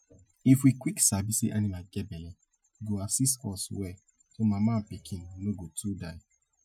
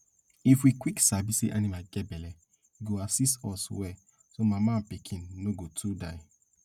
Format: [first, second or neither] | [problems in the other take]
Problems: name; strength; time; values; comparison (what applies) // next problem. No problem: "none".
second | noise reduction (classical method Wiener filter)